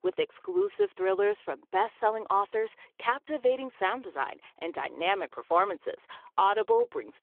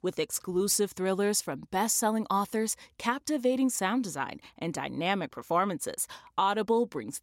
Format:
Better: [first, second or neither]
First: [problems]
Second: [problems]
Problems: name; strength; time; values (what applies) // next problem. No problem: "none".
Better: second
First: phone-call audio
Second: none